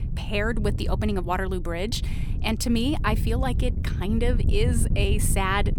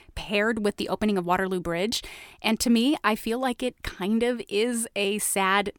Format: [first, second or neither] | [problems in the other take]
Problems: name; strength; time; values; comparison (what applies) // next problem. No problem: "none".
second | wind noise on the microphone; occasional gusts; 15 dB below the speech